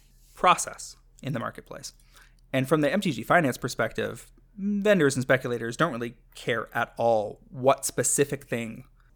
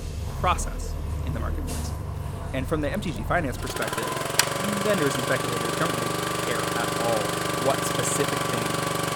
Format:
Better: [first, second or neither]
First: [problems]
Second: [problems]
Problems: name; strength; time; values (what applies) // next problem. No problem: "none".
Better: first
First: none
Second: traffic noise; very loud; throughout; 2 dB above the speech